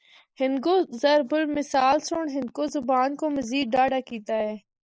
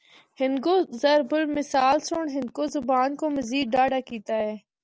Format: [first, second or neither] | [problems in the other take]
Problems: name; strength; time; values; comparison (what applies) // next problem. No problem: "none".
second | noise reduction (neural mask model Resemble Enhance denoiser)